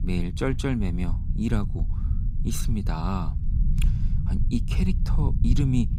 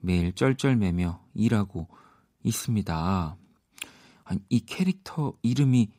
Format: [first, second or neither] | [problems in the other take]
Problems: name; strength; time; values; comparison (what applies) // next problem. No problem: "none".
second | low rumble; loud; throughout; 9 dB below the speech